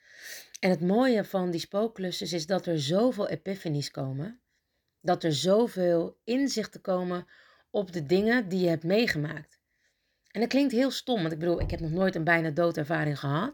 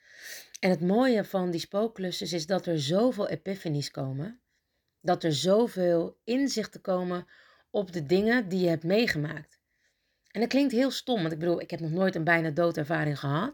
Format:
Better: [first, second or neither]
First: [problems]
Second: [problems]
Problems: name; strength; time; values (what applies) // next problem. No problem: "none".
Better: second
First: door banging; noticeable; at 12 s; peak 9 dB below the speech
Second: none